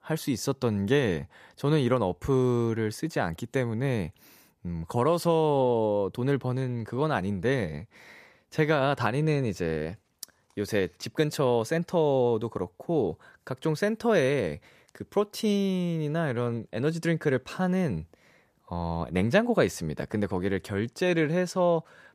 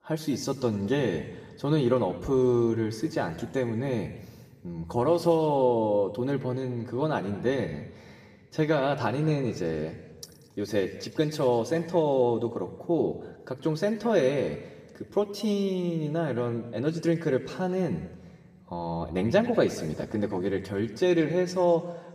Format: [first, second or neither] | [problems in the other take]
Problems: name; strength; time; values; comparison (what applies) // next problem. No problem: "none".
first | room echo; slight; dies away in 1.5 s // off-mic speech; somewhat distant